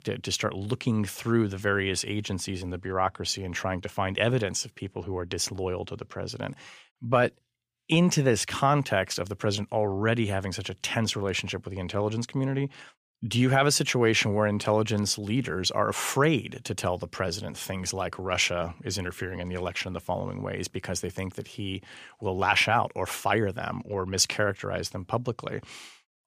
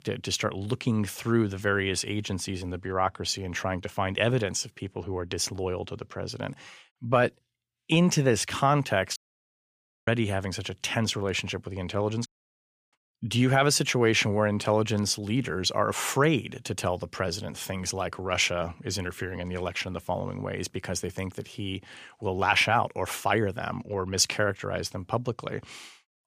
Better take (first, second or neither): first